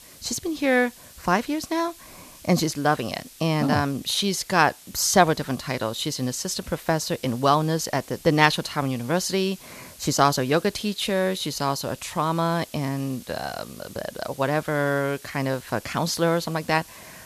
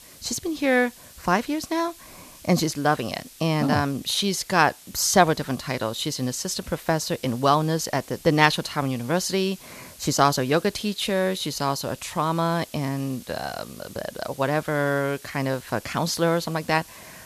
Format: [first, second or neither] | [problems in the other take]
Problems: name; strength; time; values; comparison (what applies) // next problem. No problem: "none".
neither | hiss; faint; throughout; 20 dB below the speech; the same in both